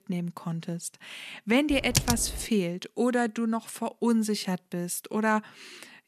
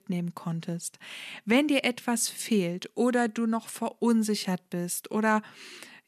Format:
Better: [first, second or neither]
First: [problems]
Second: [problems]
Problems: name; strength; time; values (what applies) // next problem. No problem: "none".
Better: second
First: keyboard typing; loud; at 1.5 s; peak 2 dB above the speech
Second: none